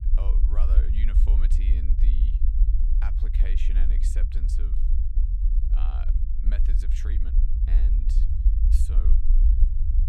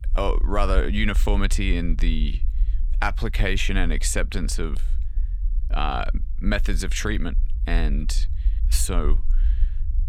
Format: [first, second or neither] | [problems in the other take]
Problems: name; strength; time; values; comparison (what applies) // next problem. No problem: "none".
second | low rumble; loud; throughout; as loud as the speech; faint in the second